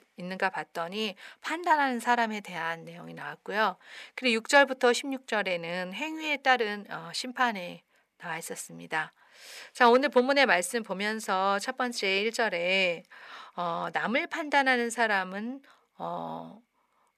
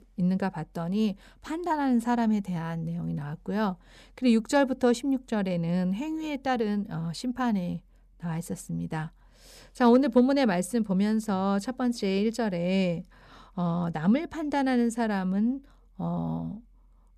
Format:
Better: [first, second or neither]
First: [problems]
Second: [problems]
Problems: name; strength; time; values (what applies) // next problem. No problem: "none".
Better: second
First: thin; somewhat; fading below 500 Hz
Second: none